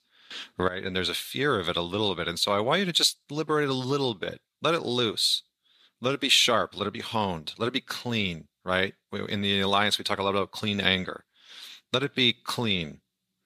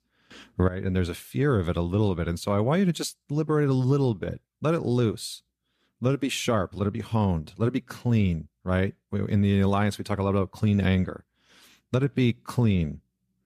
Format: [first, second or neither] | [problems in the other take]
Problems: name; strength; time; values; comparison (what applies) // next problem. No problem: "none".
second | thin; somewhat; fading below 750 Hz